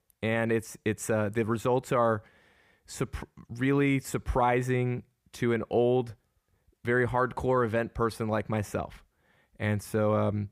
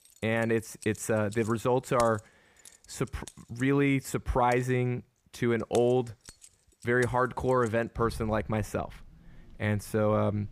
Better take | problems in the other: first | household noises; faint; throughout; 20 dB below the speech

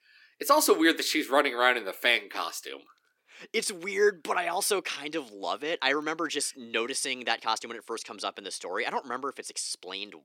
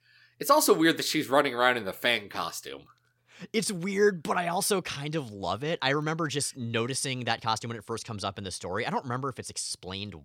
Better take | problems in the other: second | thin; somewhat; fading below 300 Hz

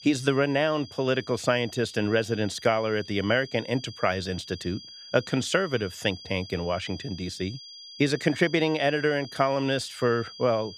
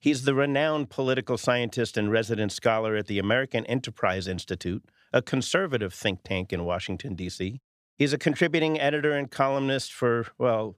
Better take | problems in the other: second | high-pitched whine; noticeable; throughout; 5 kHz, 15 dB below the speech

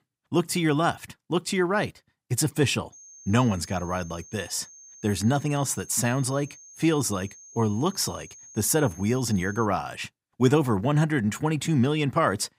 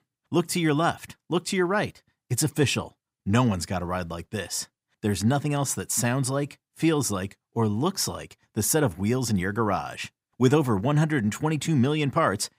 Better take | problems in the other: second | high-pitched whine; noticeable; from 3 to 9.5 s; 6.5 kHz, 20 dB below the speech

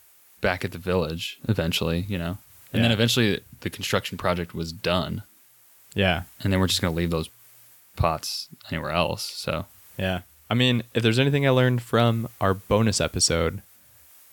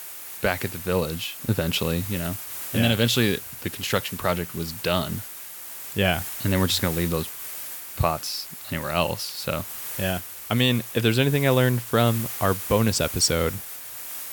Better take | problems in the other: first | hiss; loud; throughout; 8 dB below the speech; faint in the first

